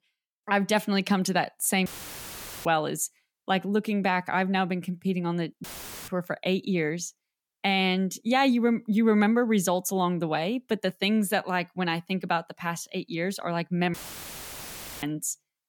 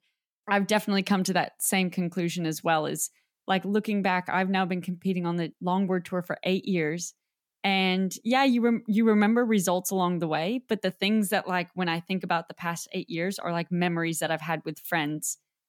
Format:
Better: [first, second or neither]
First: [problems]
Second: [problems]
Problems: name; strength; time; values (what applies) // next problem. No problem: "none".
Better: second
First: audio cutting out; filled with static; at 2 s for 1 s, at 5.5 s and at 14 s for 1 s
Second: none